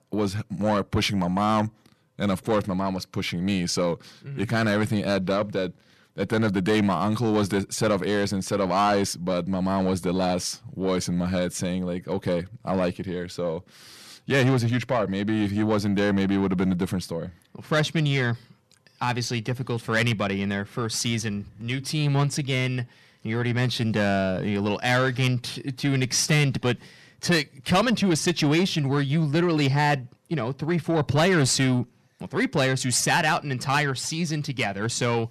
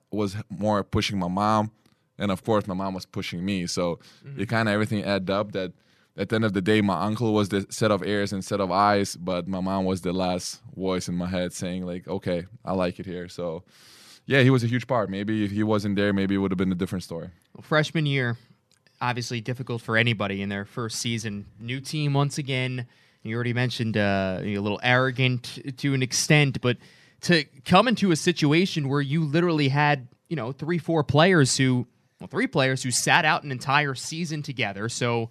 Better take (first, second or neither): second